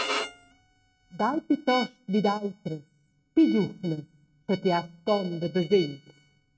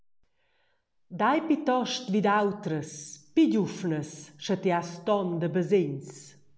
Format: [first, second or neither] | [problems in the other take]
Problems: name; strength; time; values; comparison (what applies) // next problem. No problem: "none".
second | noise reduction (neural mask model RNNoise)